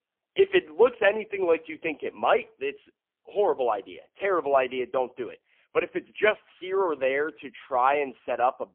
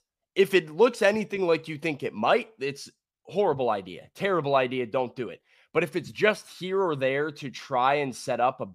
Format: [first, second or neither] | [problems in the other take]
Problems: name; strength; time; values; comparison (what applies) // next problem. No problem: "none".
second | phone-call audio; poor line; nothing above 3 kHz